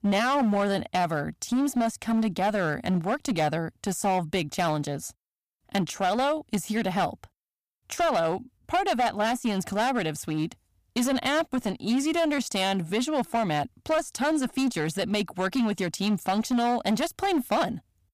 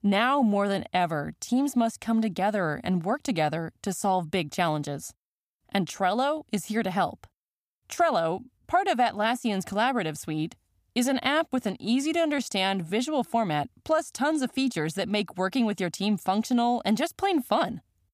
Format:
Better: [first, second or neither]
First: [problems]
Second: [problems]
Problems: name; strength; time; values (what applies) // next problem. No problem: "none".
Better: second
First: distortion; slight; 12% of the sound clipped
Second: none